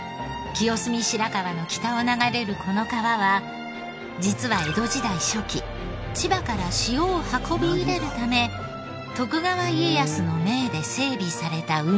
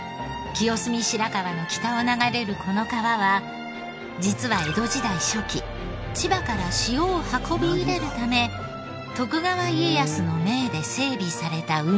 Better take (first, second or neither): first